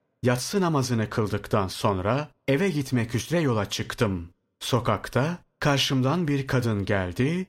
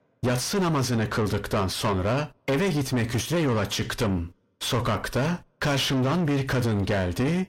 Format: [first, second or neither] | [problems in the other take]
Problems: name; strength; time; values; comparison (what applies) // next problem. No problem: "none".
first | distortion; heavy; 7 dB below the speech